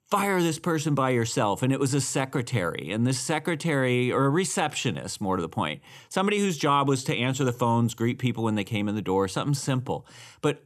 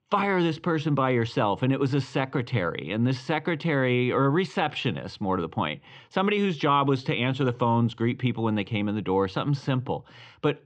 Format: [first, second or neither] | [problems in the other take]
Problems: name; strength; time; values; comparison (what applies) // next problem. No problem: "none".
first | muffled; slightly; fading above 4 kHz